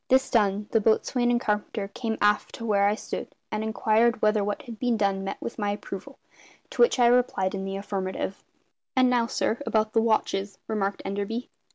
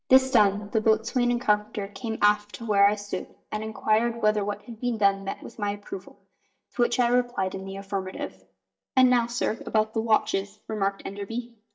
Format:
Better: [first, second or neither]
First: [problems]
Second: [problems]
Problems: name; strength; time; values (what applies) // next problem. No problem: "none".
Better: first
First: none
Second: noise reduction (neural mask model DeepFilterNet 3)